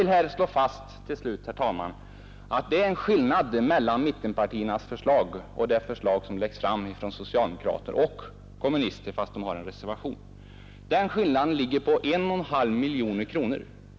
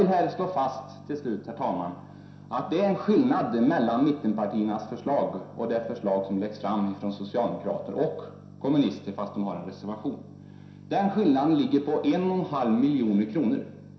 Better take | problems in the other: first | room echo; dies away in 0.7 s

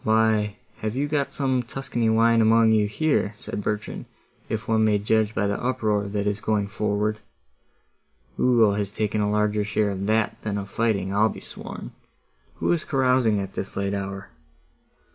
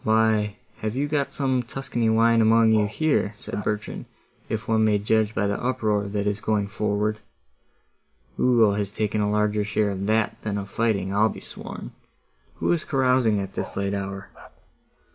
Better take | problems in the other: first | background sound (Bark); 19 dB below the speech

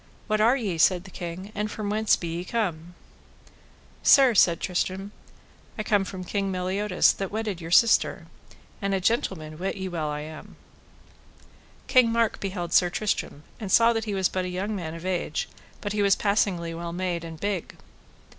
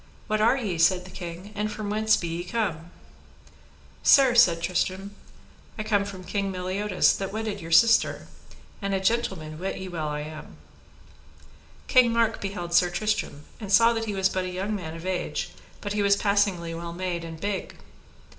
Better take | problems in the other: first | room echo; dies away in 1.2 s

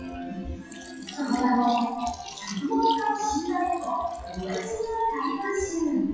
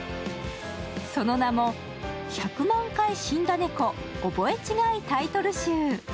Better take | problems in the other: second | noise reduction (classical method WPE with log-MMSE)

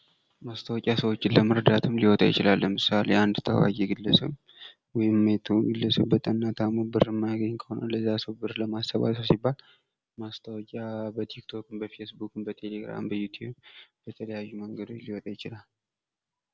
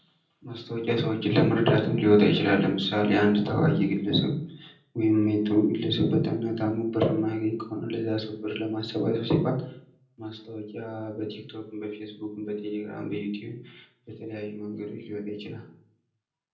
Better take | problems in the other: first | room echo; dies away in 0.6 s

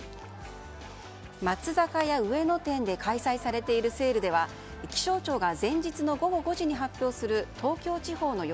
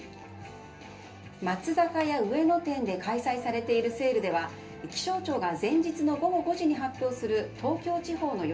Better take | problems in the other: first | room echo; dies away in 0.3 s

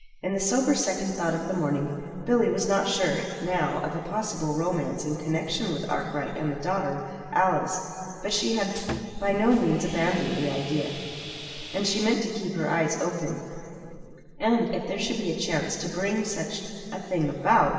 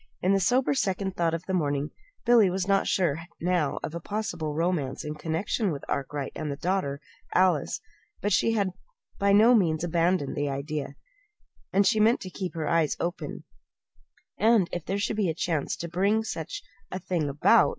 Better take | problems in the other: second | background sound (Sawing); 12 dB below the speech // room echo; dies away in 2.7 s

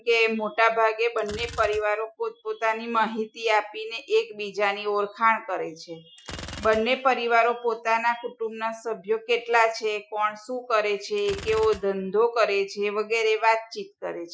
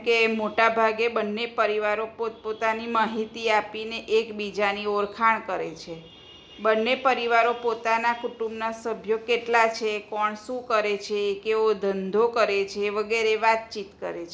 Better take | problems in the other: second | noise reduction (classical method Wiener filter)

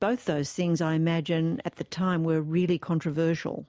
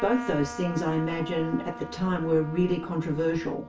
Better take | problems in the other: first | background sound (Trumpet); 13 dB below the speech // room echo; dies away in 0.3 s

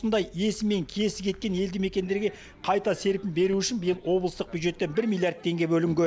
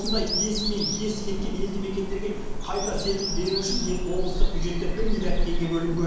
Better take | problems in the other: first | background sound (Bird vocalization, bird call, bird song); 3 dB above the speech // room echo; dies away in 1 s

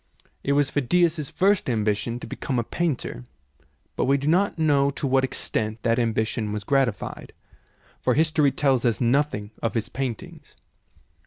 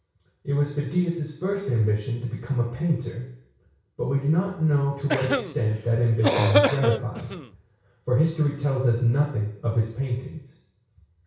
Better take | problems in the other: first | background sound (Cough); 1 dB below the speech // room echo; dies away in 0.6 s

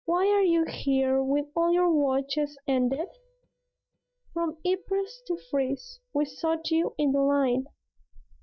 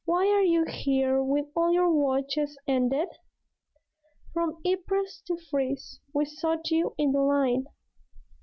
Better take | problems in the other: second | noise reduction (neural mask model DeepFilterNet 3)

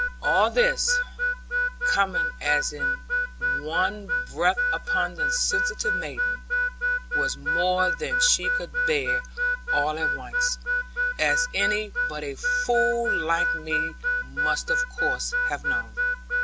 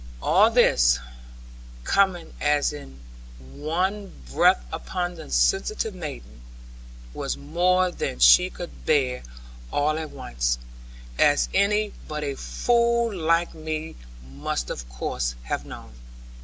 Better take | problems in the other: second | background sound (Harmonica); 2 dB above the speech

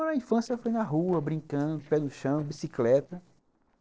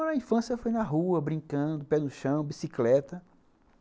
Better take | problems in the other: second | noise reduction (neural separator model SepFormer DNS4)

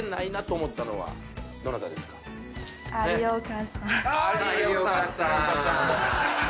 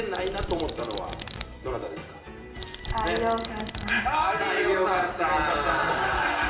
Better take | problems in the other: first | background sound (Domestic sounds, home sounds); 12 dB below the speech // room echo; dies away in 1 s

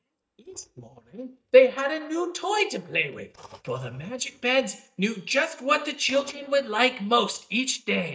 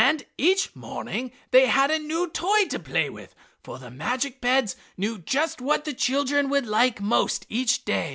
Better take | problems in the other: second | noise reduction (neural mask model DeepFilterNet 3)

